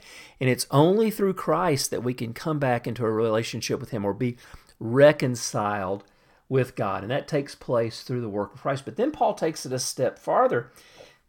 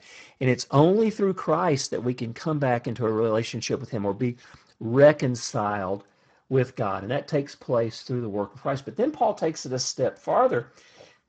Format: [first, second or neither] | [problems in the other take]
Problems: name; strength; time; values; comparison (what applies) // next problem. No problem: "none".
first | garbled, watery; badly